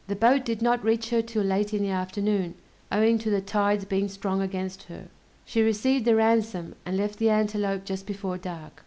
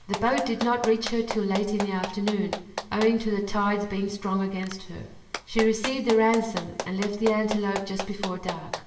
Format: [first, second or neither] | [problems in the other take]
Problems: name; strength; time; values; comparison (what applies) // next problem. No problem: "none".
first | background sound (Clapping); 10 dB below the speech // room echo; dies away in 1.1 s